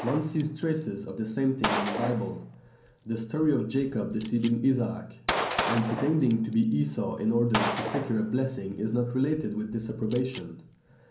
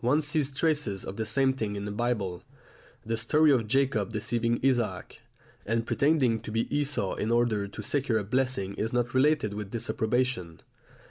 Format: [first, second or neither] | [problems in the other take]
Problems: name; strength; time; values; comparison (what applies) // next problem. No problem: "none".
second | background sound (Gunshot, gunfire); 8 dB below the speech // room echo; dies away in 0.6 s